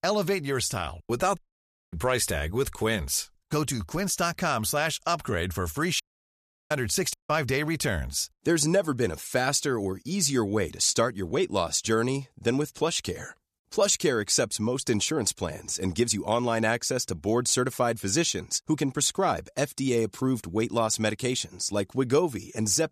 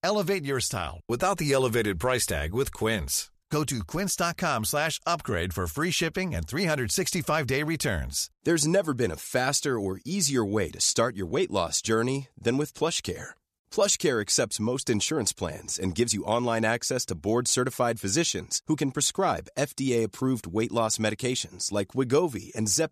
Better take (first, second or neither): second